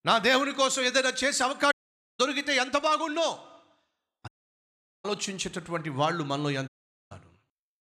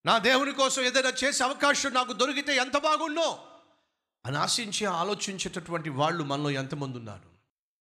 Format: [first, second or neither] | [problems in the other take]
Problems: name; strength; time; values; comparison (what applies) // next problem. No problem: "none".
second | audio cutting out; at 1.5 s, at 4.5 s for 1 s and at 6.5 s